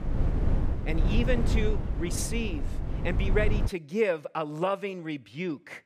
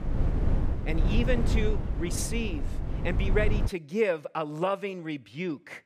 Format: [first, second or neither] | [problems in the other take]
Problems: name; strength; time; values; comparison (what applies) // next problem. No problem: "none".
neither | low rumble; loud; until 3.5 s; 8 dB below the speech; the same in both